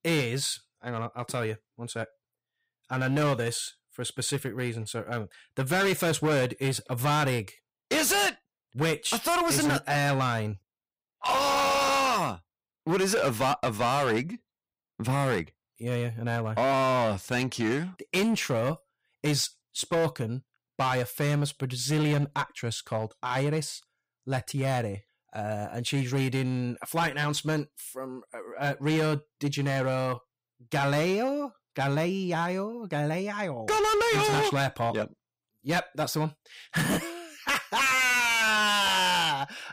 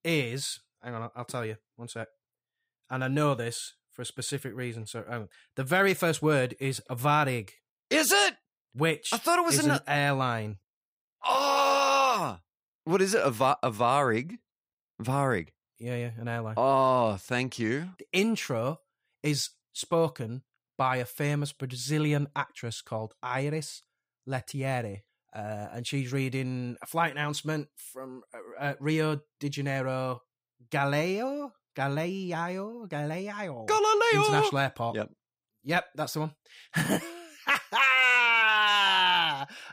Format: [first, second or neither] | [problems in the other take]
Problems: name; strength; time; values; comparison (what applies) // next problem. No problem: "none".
second | distortion; heavy; 12% of the sound clipped